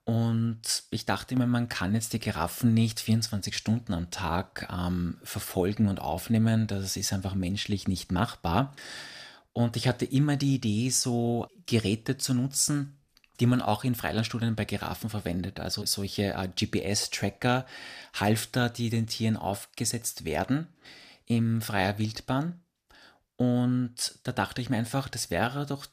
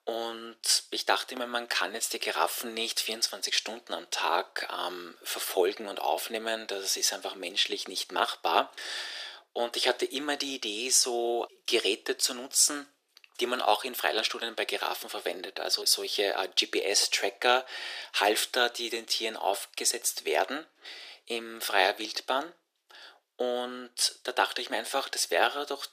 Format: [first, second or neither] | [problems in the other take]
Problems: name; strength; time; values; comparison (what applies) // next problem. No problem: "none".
first | thin; very; fading below 350 Hz